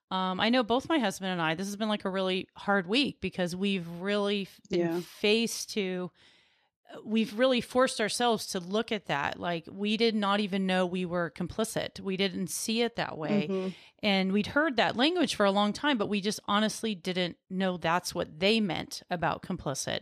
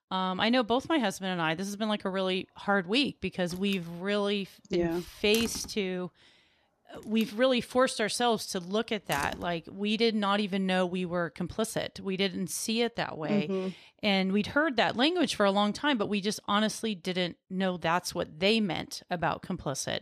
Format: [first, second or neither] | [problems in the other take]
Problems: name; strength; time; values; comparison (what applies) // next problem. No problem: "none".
first | door banging; noticeable; from 3.5 to 9.5 s; peak 9 dB below the speech